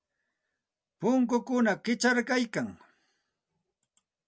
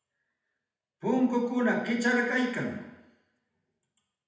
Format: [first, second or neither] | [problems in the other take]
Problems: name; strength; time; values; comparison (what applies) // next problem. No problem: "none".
first | room echo; dies away in 0.9 s